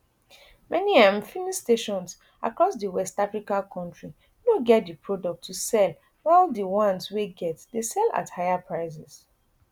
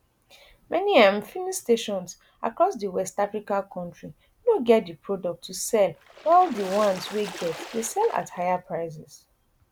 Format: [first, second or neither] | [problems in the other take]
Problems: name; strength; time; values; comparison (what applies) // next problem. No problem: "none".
first | background sound (Water / Splash, splatter); 15 dB below the speech